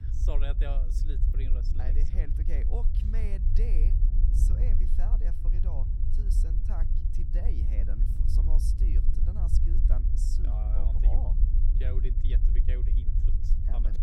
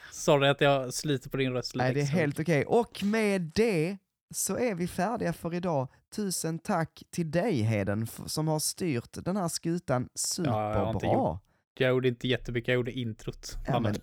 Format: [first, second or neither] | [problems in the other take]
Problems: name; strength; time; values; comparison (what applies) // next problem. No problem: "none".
second | low rumble; loud; throughout; 2 dB below the speech